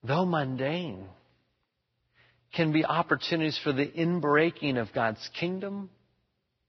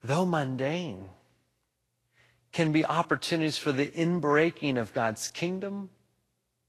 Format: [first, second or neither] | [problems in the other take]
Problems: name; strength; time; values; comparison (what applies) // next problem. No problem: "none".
second | garbled, watery; badly; nothing above 5.5 kHz; slightly in the second